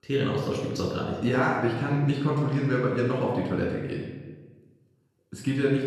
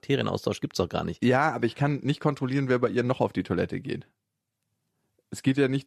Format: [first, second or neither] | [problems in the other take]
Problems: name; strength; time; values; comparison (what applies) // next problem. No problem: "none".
second | off-mic speech; far // room echo; noticeable; dies away in 1.1 s